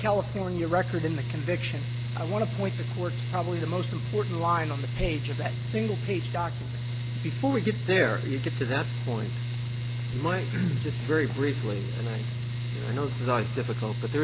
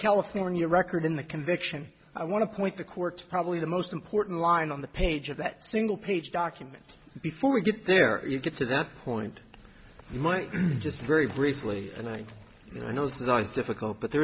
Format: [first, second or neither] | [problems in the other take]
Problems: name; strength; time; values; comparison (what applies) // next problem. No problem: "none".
second | background sound (Mechanical fan); 1 dB below the speech